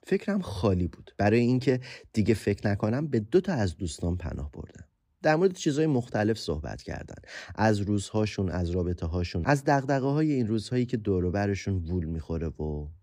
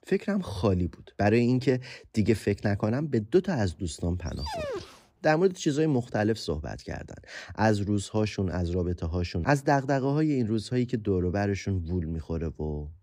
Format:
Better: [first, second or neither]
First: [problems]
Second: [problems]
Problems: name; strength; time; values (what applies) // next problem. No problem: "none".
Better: first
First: none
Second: dog barking; noticeable; at 4.5 s; peak 6 dB below the speech